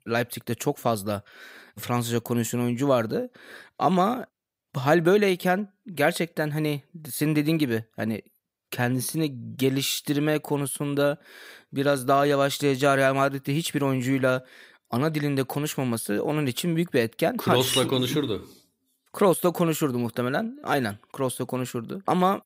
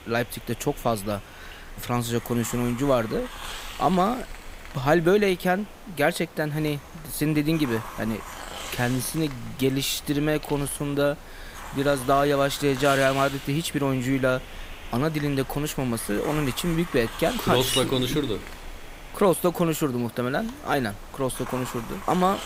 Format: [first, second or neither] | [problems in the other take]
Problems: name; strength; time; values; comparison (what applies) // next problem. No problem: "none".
first | hiss; noticeable; throughout; 15 dB below the speech